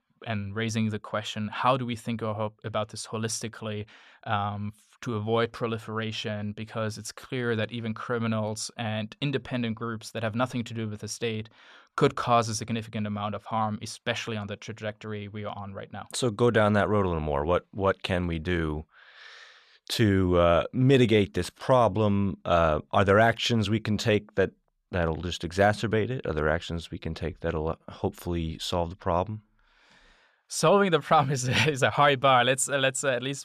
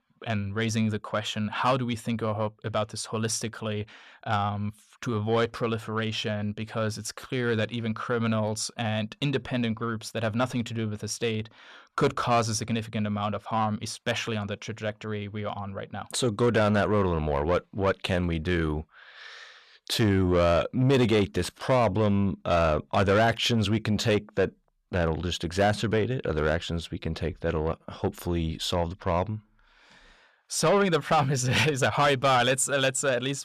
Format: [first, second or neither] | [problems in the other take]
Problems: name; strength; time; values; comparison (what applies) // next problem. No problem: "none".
first | distortion; slight; 10 dB below the speech